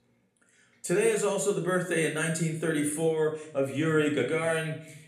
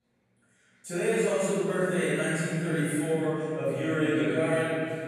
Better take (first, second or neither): first